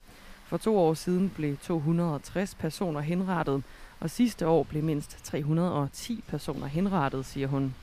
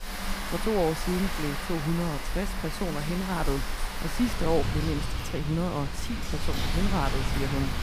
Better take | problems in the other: first | rain or running water; loud; throughout; 2 dB below the speech; faint in the first

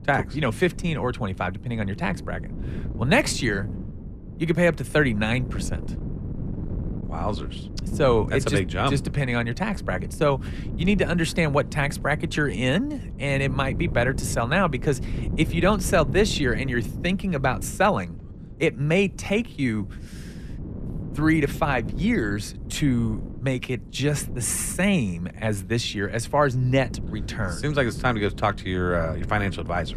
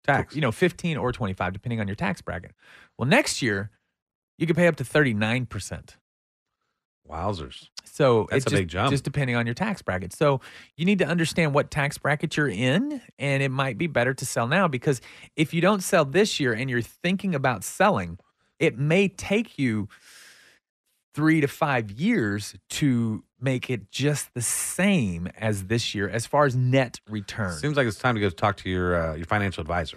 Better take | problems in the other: second | wind noise on the microphone; occasional gusts; 20 dB below the speech

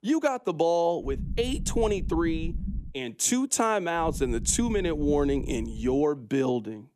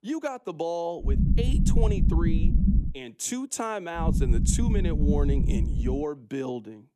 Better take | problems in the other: first | low rumble; loud; from 1 to 3 s and from 4 to 6 s; 5 dB below the speech; faint in the first

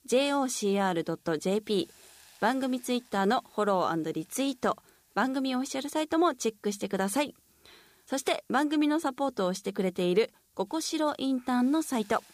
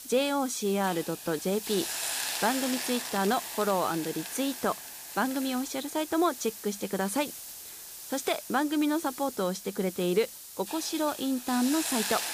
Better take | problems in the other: first | hiss; loud; throughout; 6 dB below the speech; faint in the first

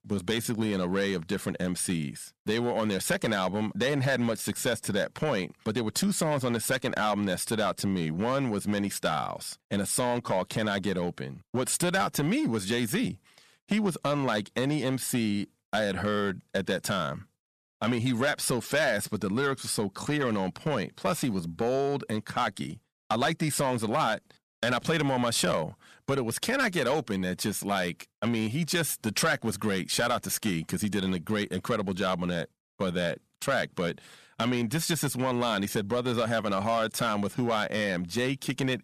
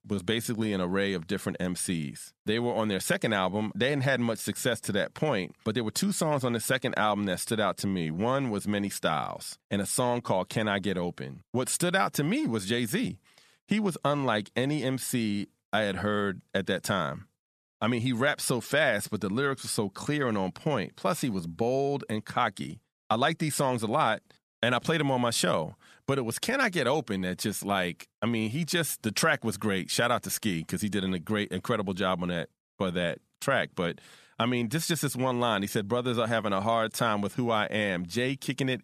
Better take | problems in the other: second | distortion; slight; 4% of the sound clipped

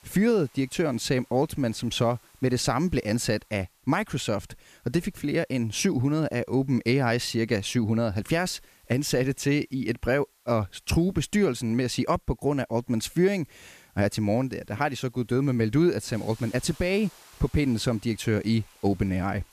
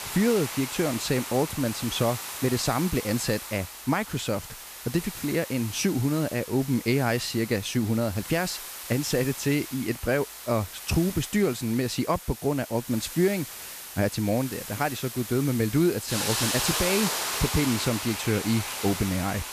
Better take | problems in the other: first | hiss; loud; throughout; 6 dB below the speech; faint in the first

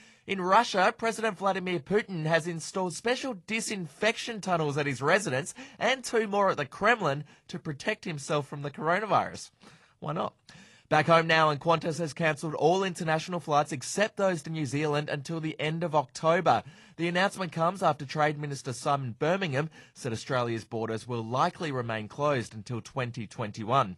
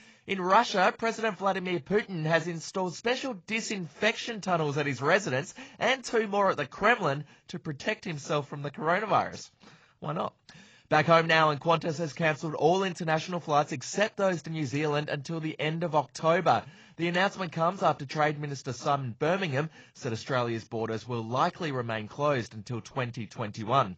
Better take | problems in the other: first | garbled, watery; badly; nothing above 7.5 kHz; slightly in the first

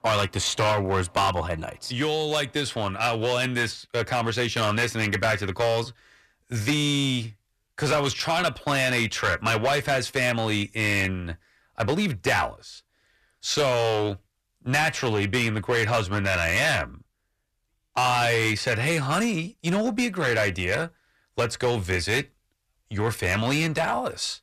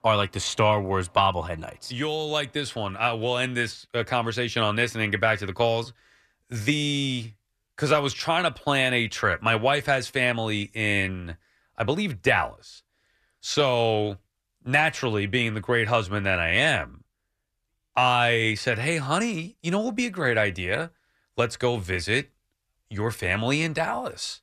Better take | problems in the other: second | distortion; heavy; 9% of the sound clipped

